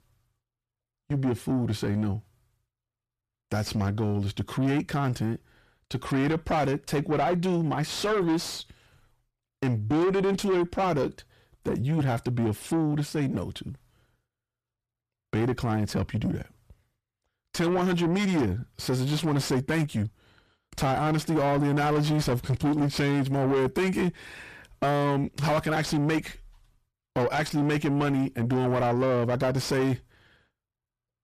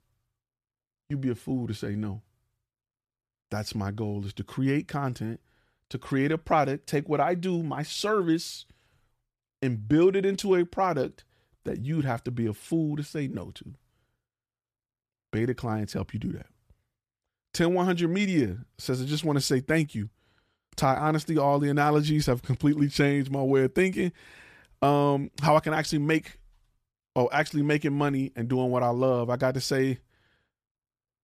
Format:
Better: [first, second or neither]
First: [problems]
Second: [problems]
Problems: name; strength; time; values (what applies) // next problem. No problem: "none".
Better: second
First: distortion; heavy; 7 dB below the speech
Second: none